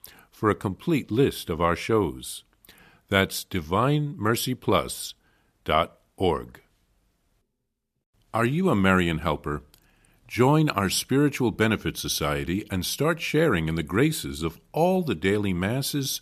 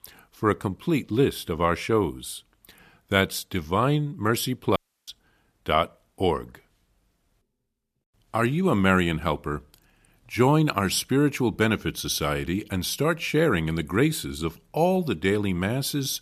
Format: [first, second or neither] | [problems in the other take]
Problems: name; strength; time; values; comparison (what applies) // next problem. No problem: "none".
first | audio cutting out; at 5 s